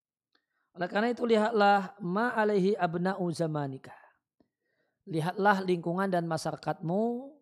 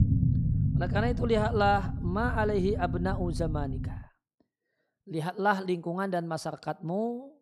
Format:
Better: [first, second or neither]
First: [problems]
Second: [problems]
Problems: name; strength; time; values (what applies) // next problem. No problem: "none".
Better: first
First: none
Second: low rumble; noticeable; until 4 s; 10 dB below the speech